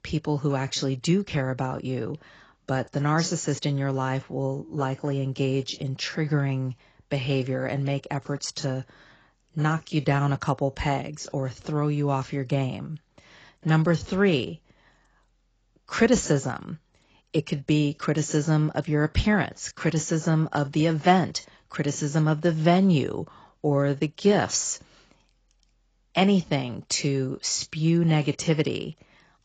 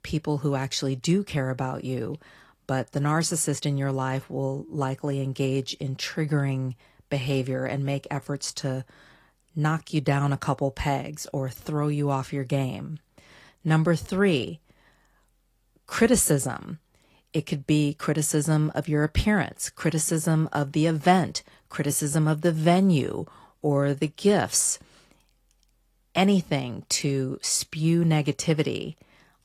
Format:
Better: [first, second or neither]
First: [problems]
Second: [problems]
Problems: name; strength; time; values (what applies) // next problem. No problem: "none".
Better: second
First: garbled, watery; badly; nothing above 7.5 kHz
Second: garbled, watery; slightly